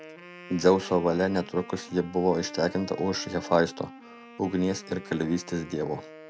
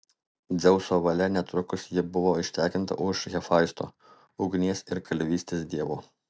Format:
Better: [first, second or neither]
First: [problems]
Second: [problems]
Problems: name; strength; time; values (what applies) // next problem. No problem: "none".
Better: second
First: background sound (Wind instrument, woodwind instrument); 17 dB below the speech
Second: none